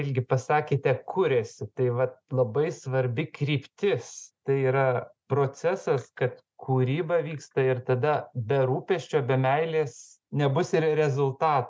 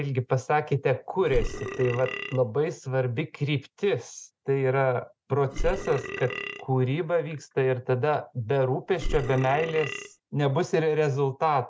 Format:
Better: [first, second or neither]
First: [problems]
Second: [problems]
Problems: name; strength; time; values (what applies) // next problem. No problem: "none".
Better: first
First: none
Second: background sound (Burping, eructation); 6 dB below the speech